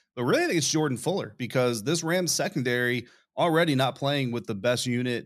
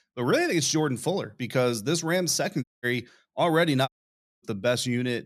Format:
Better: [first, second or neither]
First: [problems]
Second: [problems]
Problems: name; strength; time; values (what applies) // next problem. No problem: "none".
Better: first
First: none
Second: audio cutting out; at 2.5 s and at 4 s for 0.5 s